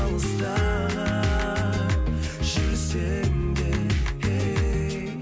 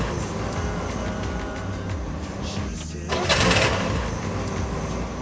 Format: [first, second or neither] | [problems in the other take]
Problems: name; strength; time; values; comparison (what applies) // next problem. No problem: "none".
first | background sound (Car); 4 dB above the speech